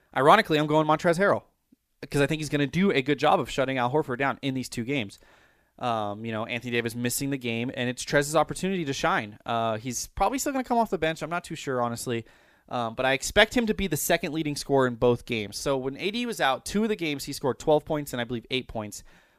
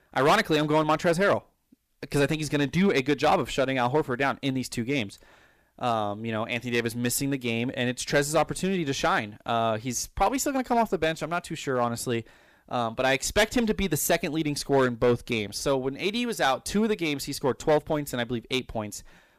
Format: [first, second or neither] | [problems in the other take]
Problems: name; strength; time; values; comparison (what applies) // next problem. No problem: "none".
first | distortion; slight; 4% of the sound clipped